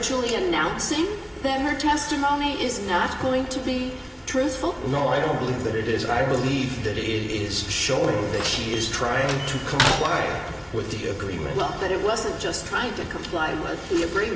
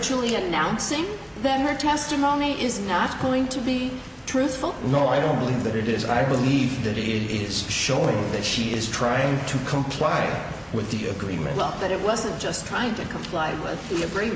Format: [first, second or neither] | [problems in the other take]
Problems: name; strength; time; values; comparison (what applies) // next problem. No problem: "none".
second | background sound (Slam); 3 dB below the speech // room echo; dies away in 2.2 s